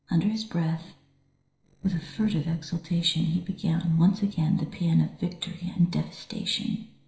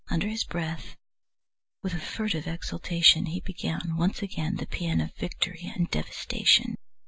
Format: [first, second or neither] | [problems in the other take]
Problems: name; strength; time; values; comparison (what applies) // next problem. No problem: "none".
second | noise reduction (neural separator model SepFormer DNS4)